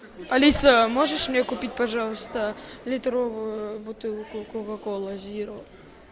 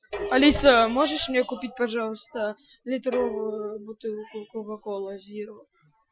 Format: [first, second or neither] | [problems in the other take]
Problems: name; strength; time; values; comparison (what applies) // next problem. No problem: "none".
first | noise reduction (classical method Wiener filter)